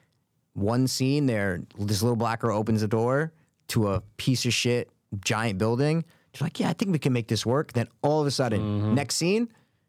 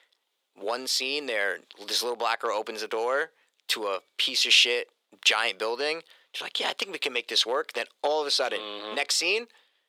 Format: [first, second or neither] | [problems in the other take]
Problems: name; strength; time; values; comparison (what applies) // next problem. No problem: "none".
first | thin; very; fading below 450 Hz